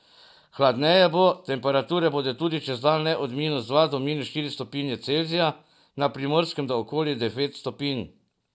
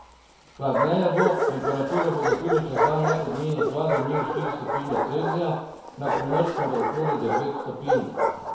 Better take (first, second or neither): first